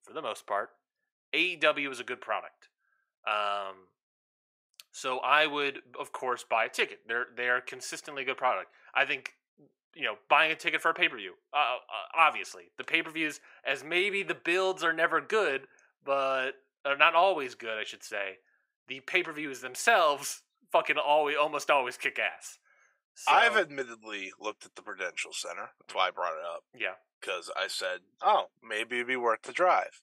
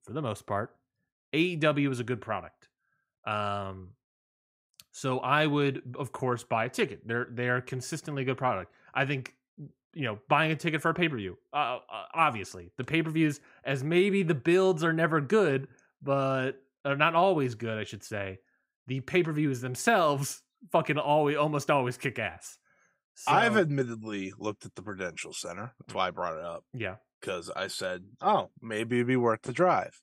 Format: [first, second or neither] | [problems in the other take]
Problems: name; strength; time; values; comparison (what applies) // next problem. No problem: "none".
second | thin; very; fading below 600 Hz